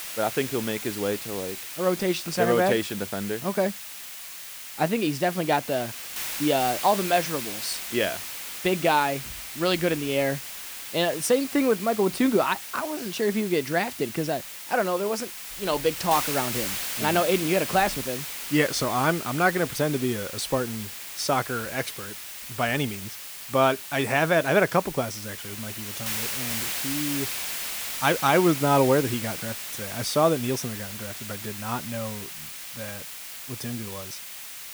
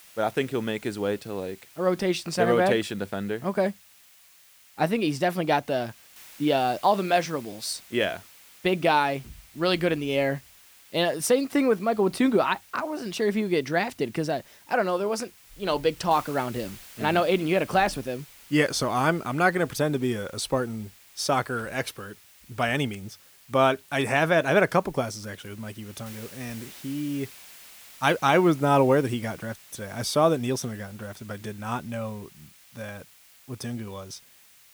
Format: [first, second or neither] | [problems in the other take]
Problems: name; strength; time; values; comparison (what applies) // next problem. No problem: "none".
second | hiss; loud; throughout; 7 dB below the speech; faint in the second